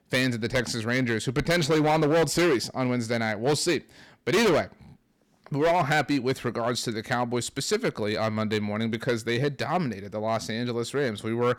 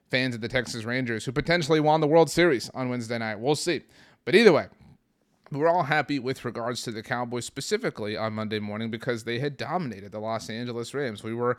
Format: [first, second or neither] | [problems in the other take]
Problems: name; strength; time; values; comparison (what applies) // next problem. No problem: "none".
second | distortion; heavy; 8% of the sound clipped